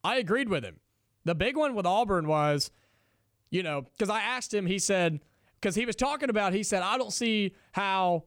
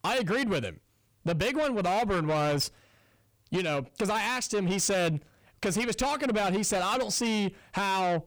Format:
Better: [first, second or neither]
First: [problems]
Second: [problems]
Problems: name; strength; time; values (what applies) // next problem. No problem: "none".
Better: first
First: none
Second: distortion; heavy; 8 dB below the speech